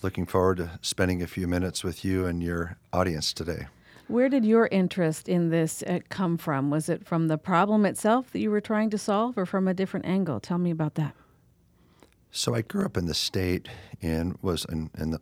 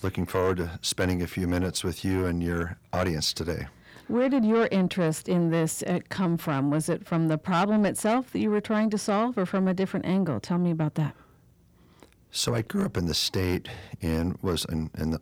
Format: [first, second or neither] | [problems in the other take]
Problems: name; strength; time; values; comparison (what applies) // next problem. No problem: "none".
first | distortion; slight; 10 dB below the speech